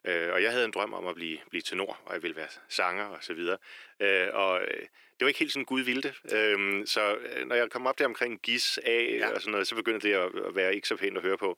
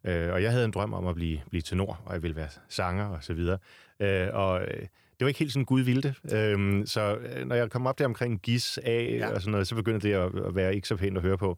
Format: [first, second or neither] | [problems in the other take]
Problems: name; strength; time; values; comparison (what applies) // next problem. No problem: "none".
second | thin; somewhat; fading below 300 Hz